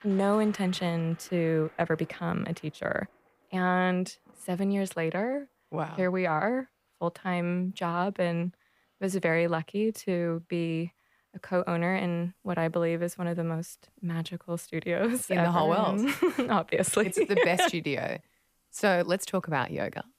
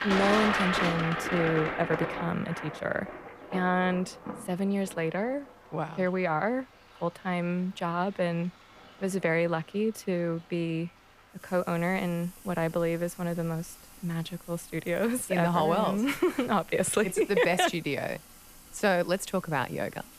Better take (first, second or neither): first